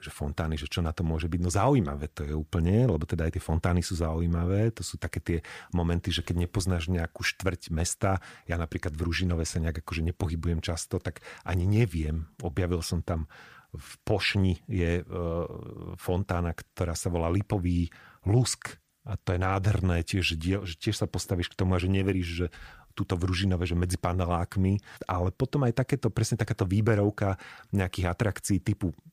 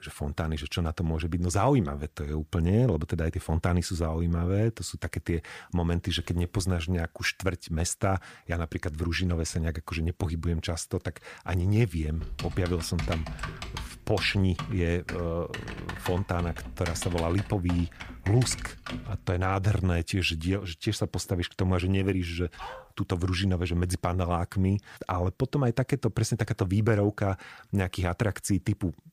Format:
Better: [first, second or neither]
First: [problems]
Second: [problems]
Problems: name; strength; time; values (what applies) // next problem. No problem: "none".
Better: first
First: none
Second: keyboard typing; noticeable; from 12 to 19 s; peak 7 dB below the speech // dog barking; faint; at 23 s; peak 15 dB below the speech